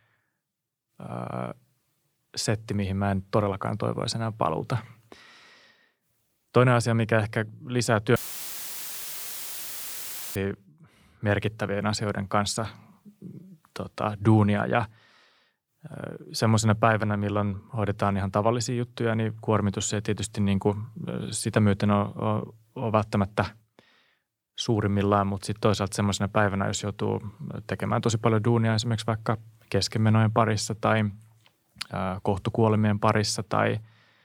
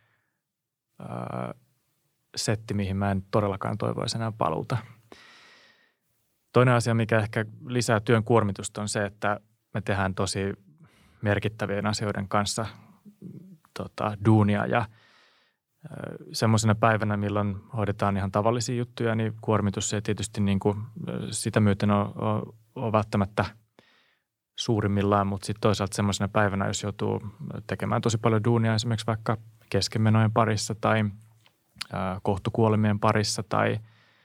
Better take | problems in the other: second | audio cutting out; filled with static; at 8 s for 2 s

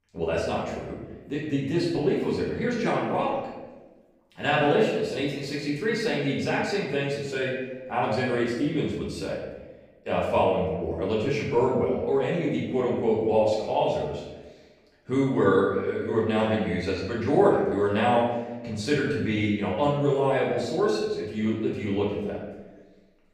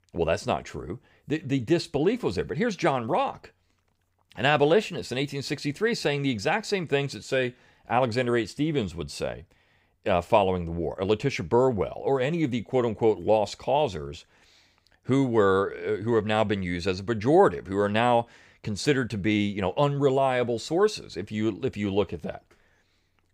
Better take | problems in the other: second | room echo; noticeable; dies away in 1 s // off-mic speech; far

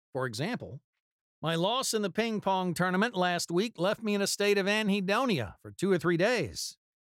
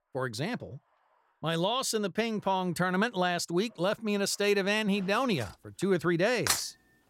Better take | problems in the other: first | household noises; loud; throughout; 3 dB below the speech

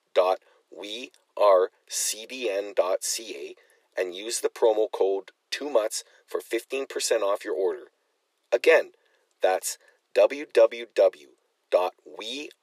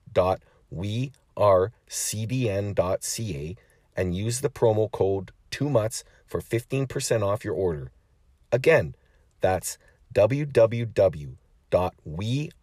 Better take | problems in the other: second | thin; very; fading below 350 Hz

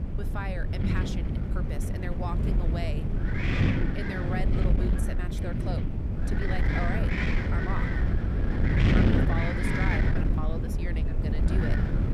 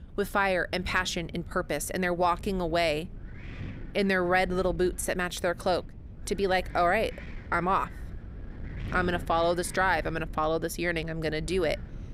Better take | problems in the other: second | wind noise on the microphone; heavy; 4 dB above the speech; occasional gusts in the second

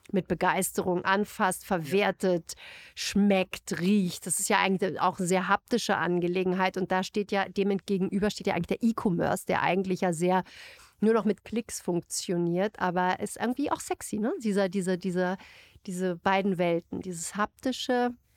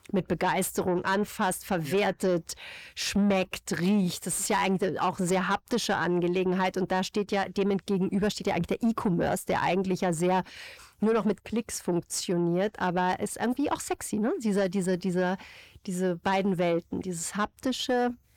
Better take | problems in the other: first | distortion; slight; 10 dB below the speech

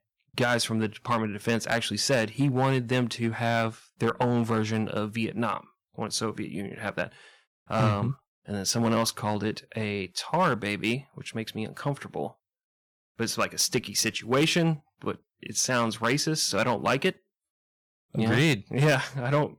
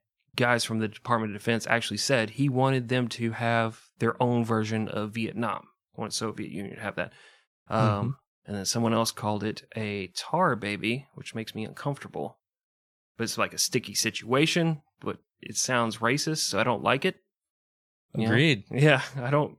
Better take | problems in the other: second | distortion; slight; 3% of the sound clipped

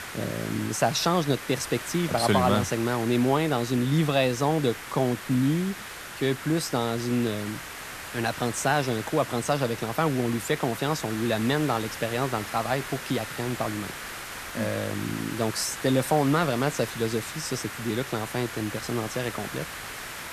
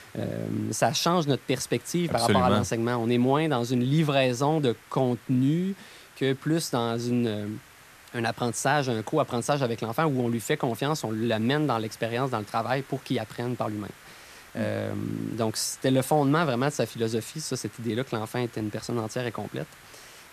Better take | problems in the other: second | hiss; loud; throughout; 9 dB below the speech; faint in the second

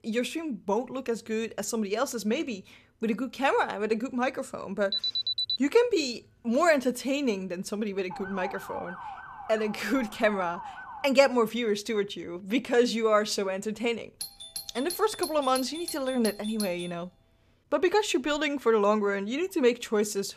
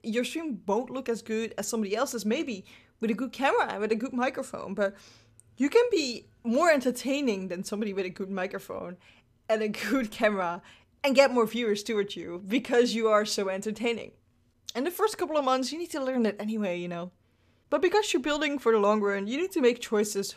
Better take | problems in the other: second | alarm; loud; at 5 s; peak 1 dB above the speech // siren; faint; from 8 to 11 s; peak 10 dB below the speech // doorbell; noticeable; from 14 to 17 s; peak 8 dB below the speech

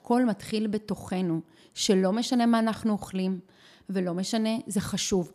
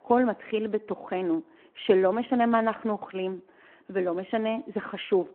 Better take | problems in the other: first | phone-call audio

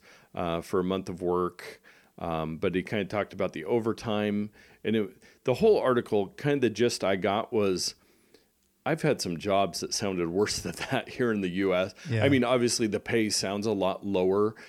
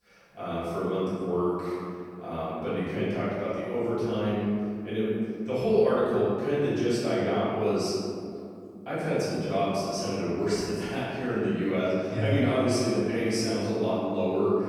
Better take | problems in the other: first | room echo; strong; dies away in 2.4 s // off-mic speech; far

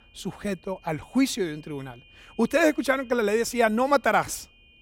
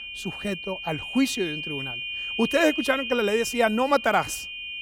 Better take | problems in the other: first | high-pitched whine; loud; throughout; 2.5 kHz, 6 dB below the speech; faint in the first

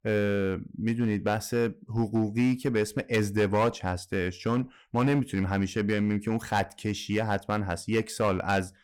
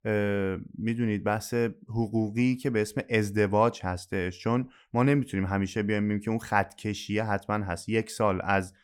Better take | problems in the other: second | distortion; slight; 4% of the sound clipped

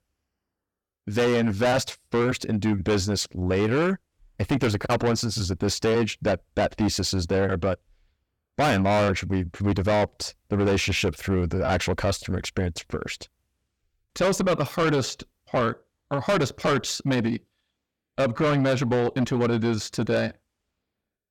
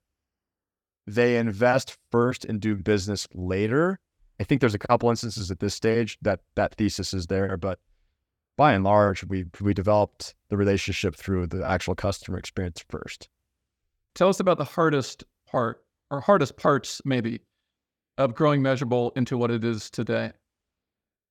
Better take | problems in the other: second | distortion; heavy; 6 dB below the speech

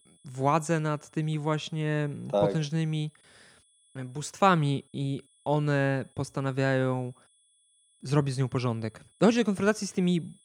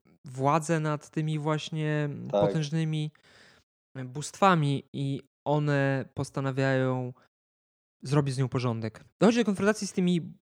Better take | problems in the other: second | high-pitched whine; faint; throughout; 10 kHz, 35 dB below the speech

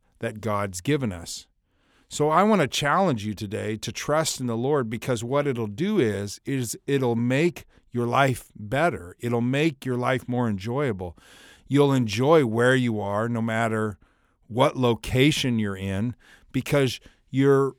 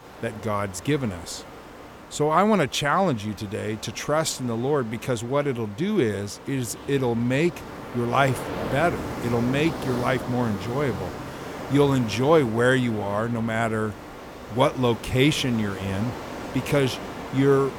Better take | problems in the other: first | rain or running water; noticeable; throughout; 10 dB below the speech

